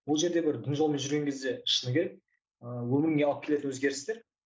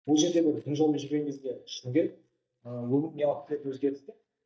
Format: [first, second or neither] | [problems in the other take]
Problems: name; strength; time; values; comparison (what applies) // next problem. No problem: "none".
first | noise reduction (neural mask model DeepFilterNet 3)